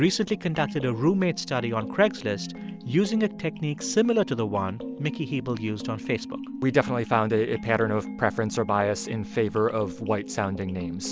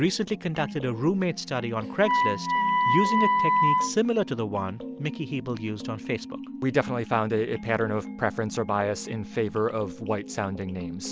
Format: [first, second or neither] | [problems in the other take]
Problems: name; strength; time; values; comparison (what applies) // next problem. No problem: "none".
first | background sound (Wind instrument, woodwind instrument); 2 dB above the speech